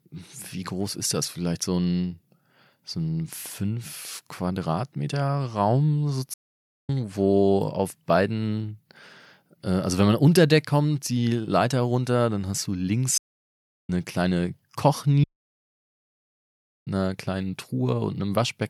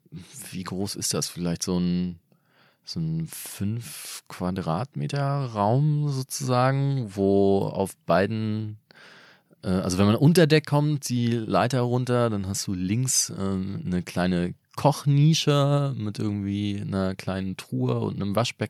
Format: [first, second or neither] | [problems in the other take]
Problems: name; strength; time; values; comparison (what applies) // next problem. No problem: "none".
second | audio cutting out; at 6.5 s for 0.5 s, at 13 s for 0.5 s and at 15 s for 1.5 s